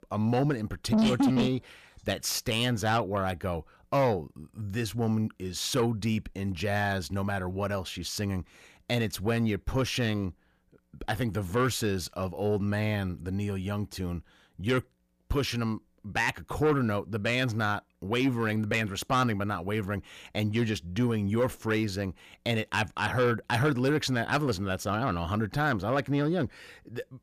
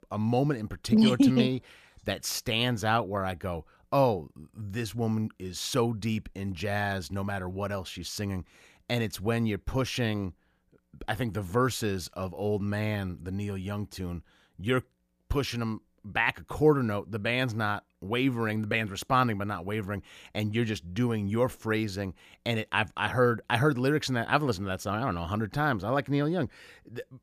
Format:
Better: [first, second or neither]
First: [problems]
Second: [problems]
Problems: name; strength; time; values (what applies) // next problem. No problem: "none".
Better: second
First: distortion; slight; 10 dB below the speech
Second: none